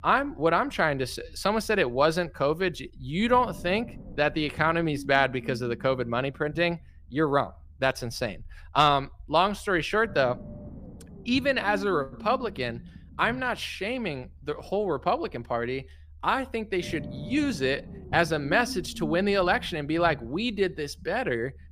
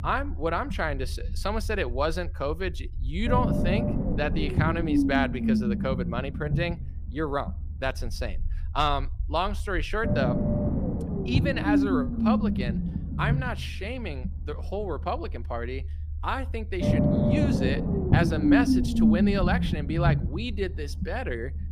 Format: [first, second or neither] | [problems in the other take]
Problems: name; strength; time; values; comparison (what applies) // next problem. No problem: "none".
first | low rumble; loud; throughout; 1 dB below the speech; faint in the first